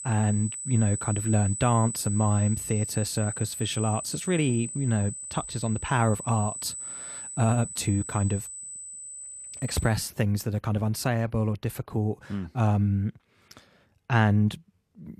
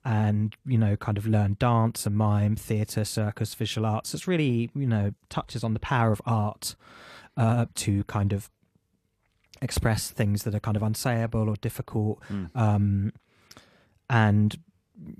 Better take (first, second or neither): second